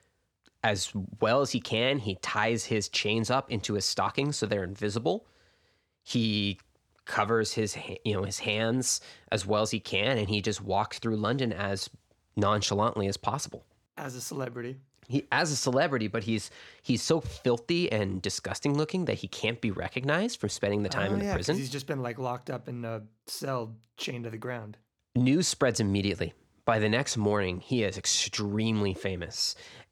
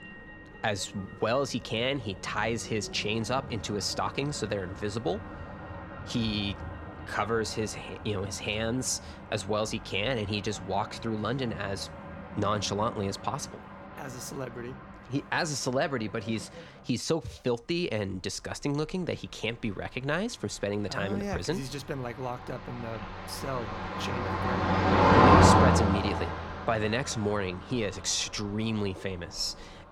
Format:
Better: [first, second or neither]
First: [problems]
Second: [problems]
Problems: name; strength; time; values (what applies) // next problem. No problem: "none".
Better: first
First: none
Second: traffic noise; very loud; throughout; 3 dB above the speech